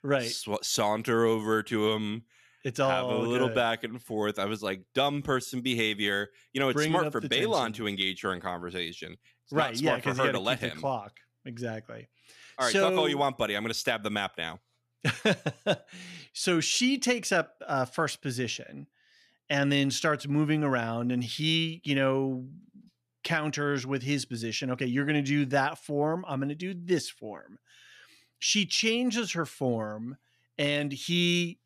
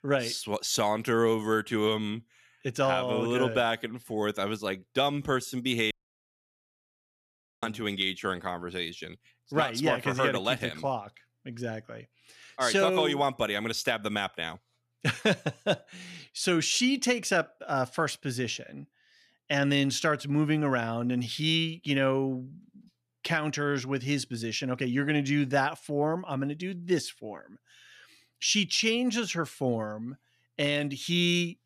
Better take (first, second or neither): first